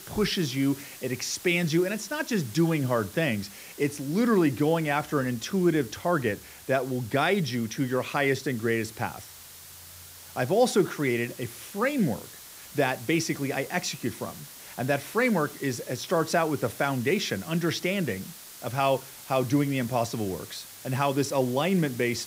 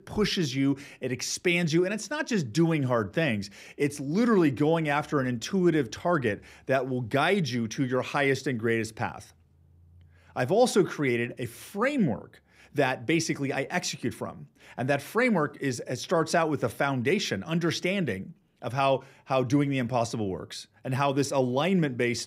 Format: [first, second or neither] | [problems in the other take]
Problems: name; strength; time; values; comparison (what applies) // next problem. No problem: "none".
second | hiss; noticeable; throughout; 15 dB below the speech